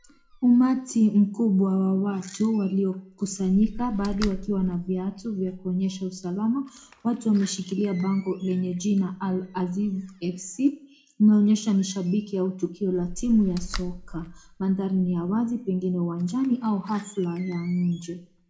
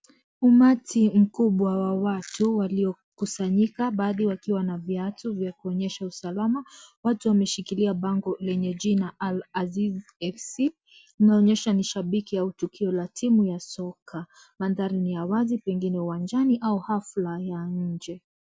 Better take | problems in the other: second | background sound (Slam); 18 dB below the speech // room echo; dies away in 0.4 s

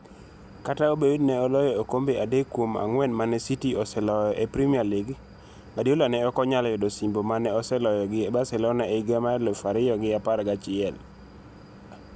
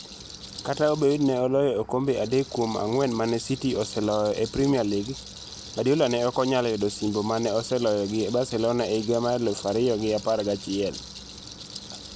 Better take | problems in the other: first | background sound (Rattle); 16 dB below the speech

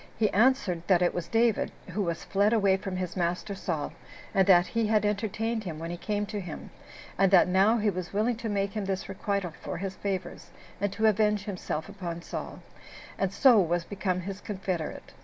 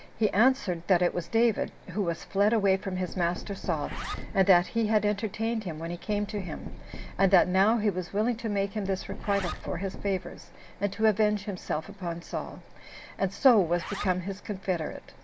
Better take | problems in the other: first | background sound (Knock + Zipper (clothing)); 13 dB below the speech

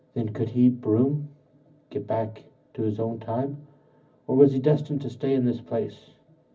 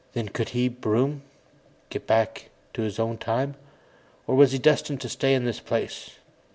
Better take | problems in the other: second | room echo; dies away in 0.4 s

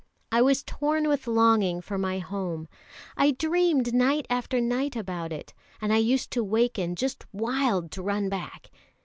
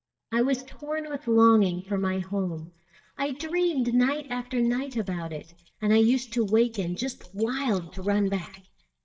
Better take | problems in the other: first | noise reduction (neural mask model DeepFilterNet 3)

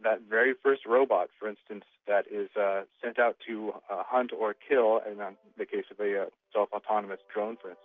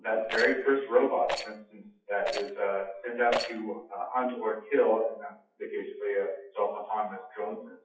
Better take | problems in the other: first | noise reduction (classical method WPE with log-MMSE)

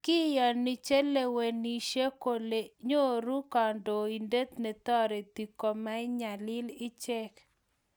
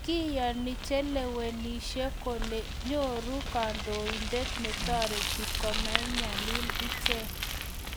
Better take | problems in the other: first | background sound (Bicycle); as loud as the speech

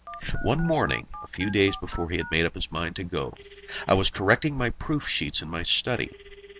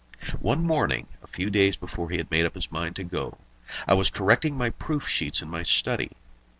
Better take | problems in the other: second | background sound (Telephone); 18 dB below the speech

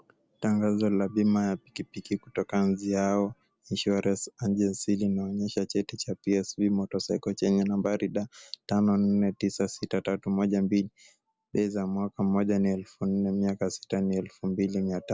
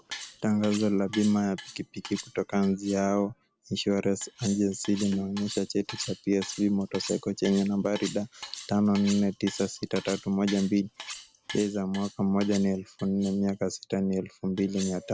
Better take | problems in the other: first | background sound (Cutlery, silverware); 16 dB below the speech

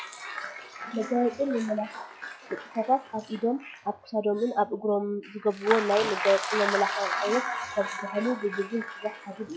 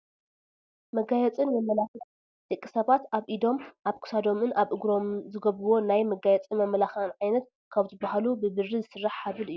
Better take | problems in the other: second | noise reduction (classical method log-MMSE)

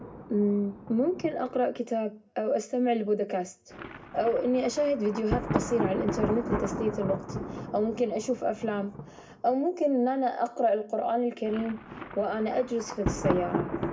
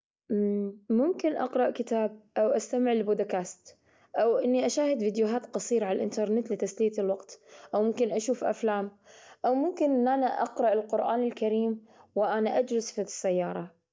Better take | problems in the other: second | background sound (Thunder); 7 dB below the speech // room echo; dies away in 0.2 s

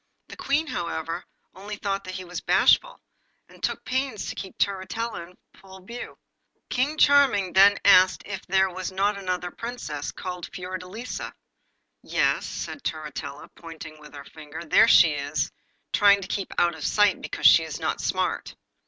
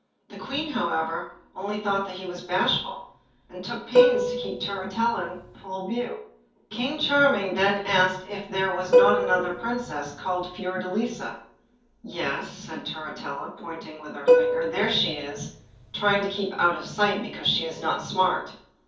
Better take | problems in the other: first | background sound (Plucked string instrument); 3 dB above the speech // room echo; dies away in 0.6 s

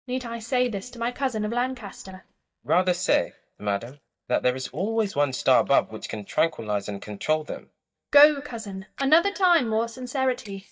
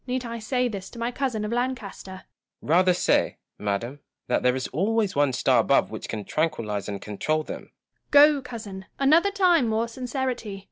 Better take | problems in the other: second | noise reduction (neural mask model DeepFilterNet 3)

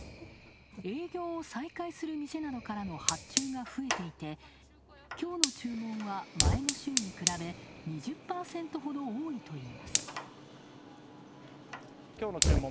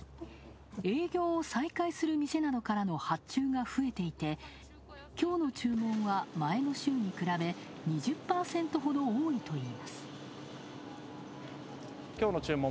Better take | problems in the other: second | background sound (Fire); 2 dB above the speech

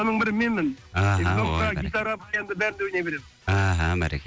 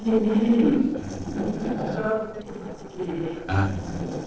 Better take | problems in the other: first | noise reduction (neural separator model SepFormer DNS4)

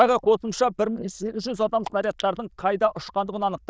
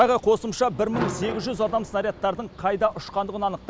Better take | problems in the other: second | noise reduction (neural diffusion model UNIVERSE++)

